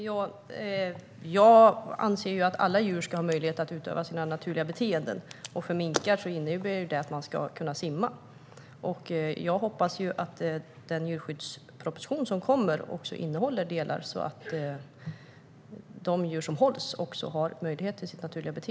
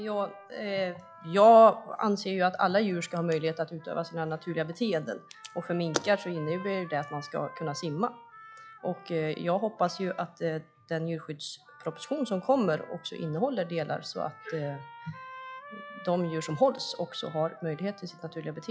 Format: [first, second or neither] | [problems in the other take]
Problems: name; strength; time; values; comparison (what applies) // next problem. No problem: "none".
first | noise reduction (classical method log-MMSE)